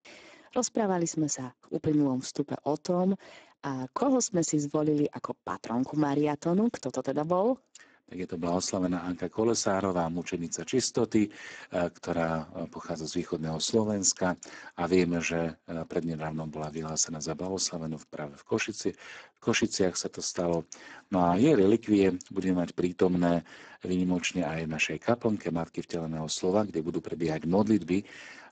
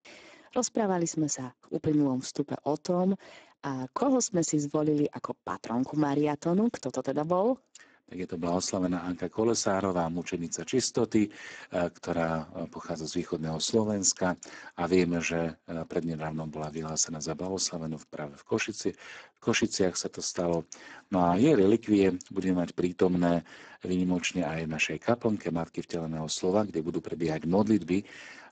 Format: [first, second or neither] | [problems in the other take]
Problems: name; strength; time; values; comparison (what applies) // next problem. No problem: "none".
neither | garbled, watery; badly; nothing above 7.5 kHz; the same in both